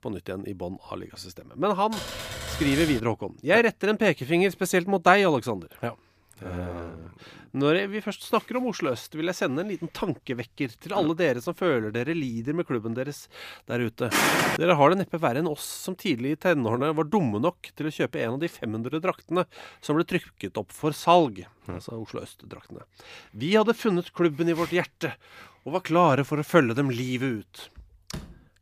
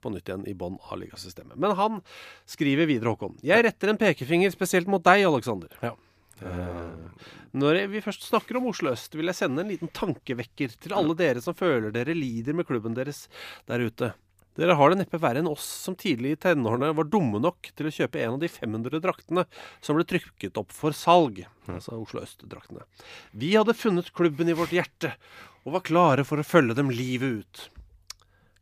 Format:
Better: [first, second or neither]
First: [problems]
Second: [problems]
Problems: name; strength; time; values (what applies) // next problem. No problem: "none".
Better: second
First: keyboard typing; noticeable; from 2 to 3 s; peak 6 dB below the speech // footsteps; loud; at 14 s; peak 5 dB above the speech // door banging; faint; at 28 s; peak 15 dB below the speech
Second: none